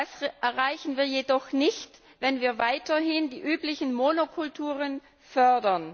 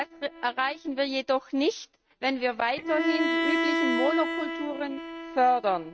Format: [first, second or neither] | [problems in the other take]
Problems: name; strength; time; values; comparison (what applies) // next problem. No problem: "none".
first | noise reduction (neural mask model RNNoise)